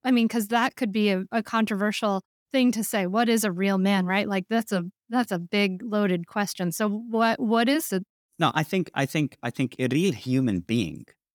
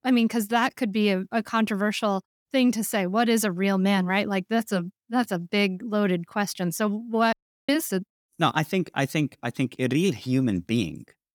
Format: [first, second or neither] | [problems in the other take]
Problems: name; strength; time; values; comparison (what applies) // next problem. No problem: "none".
first | audio cutting out; at 7.5 s